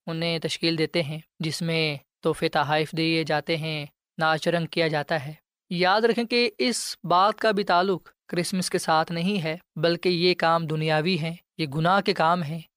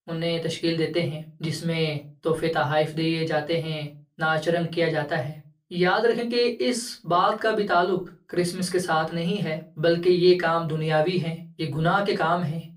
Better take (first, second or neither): first